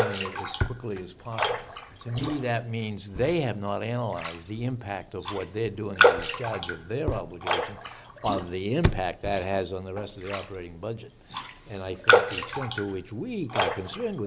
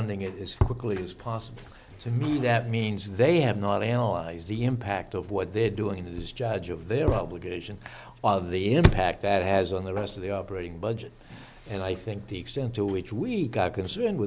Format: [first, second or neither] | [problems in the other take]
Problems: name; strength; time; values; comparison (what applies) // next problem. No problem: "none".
second | background sound (Raindrop); as loud as the speech